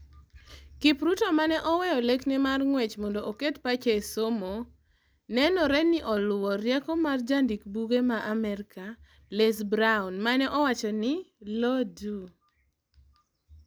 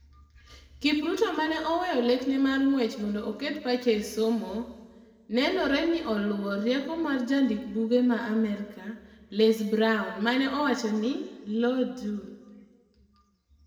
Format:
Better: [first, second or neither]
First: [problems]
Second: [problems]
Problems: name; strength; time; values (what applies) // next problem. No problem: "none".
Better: first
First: none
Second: room echo; dies away in 1.6 s